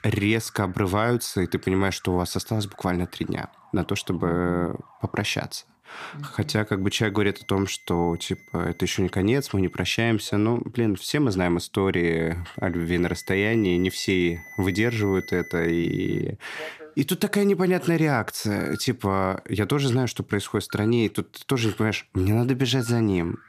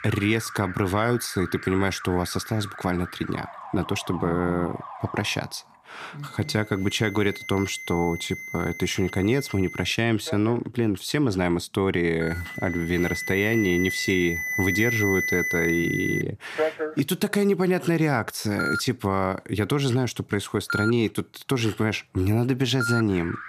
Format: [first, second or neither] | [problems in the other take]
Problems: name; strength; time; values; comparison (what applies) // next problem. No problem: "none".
first | alarms or sirens; loud; throughout; 6 dB below the speech; faint in the first